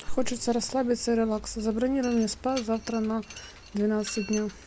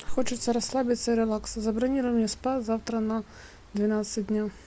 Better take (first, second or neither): second